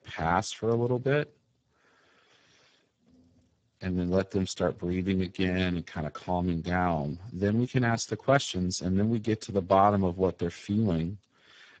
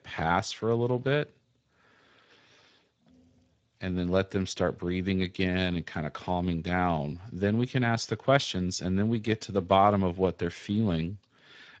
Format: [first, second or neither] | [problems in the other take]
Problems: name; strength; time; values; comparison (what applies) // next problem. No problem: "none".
second | garbled, watery; badly; nothing above 7.5 kHz; slightly in the second